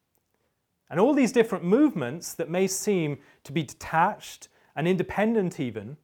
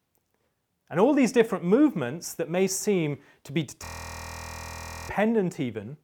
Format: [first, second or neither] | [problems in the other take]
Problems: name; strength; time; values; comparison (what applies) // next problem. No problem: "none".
first | audio freezing; at 4 s for 1 s